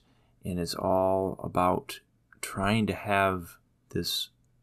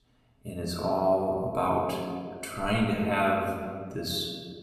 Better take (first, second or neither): first